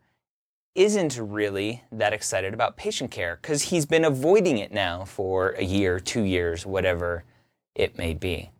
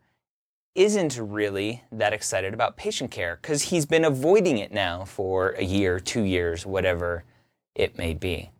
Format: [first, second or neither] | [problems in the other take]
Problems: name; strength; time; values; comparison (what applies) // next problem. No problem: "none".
neither | none